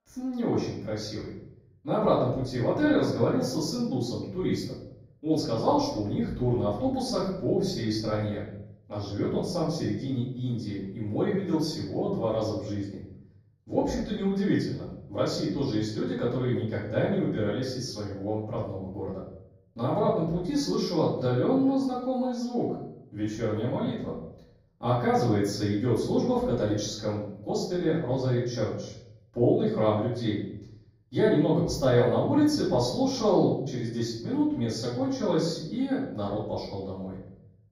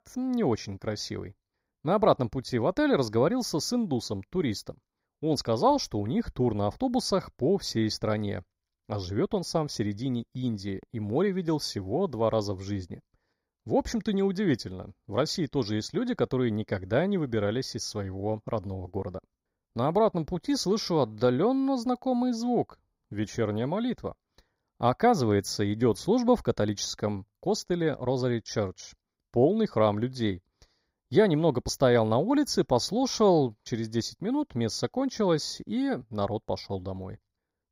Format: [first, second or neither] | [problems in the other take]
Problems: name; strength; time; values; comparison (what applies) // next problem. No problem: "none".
second | off-mic speech; far // room echo; noticeable; dies away in 0.7 s